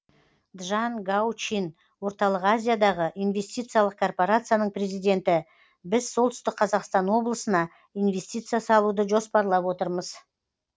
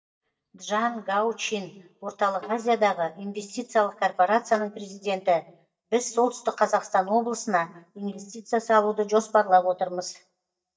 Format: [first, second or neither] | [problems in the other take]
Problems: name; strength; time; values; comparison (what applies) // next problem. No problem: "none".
first | noise reduction (neural mask model DeepFilterNet 3)